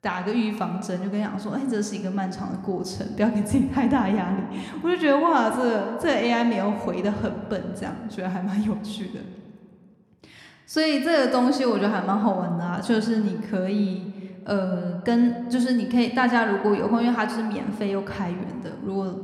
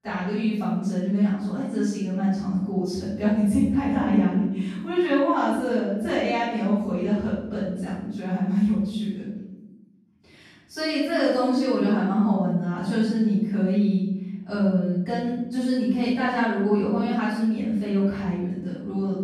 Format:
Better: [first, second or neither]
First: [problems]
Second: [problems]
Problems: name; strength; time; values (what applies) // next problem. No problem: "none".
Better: first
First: room echo; slight; dies away in 1.5 s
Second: room echo; strong; dies away in 1 s // off-mic speech; far